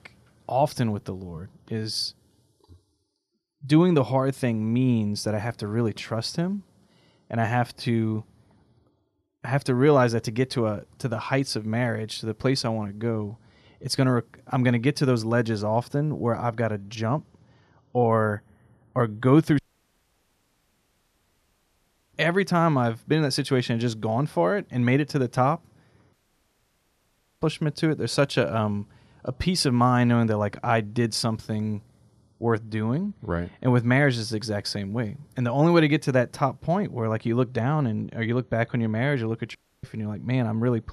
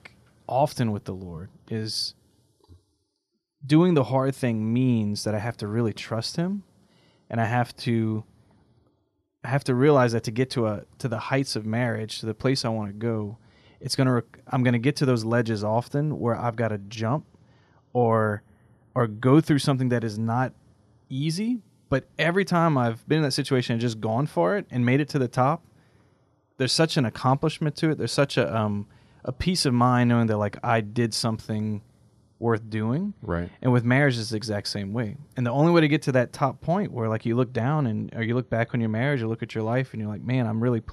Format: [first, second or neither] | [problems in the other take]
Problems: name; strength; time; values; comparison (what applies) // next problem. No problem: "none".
second | audio cutting out; at 20 s for 2.5 s, at 26 s for 1.5 s and at 40 s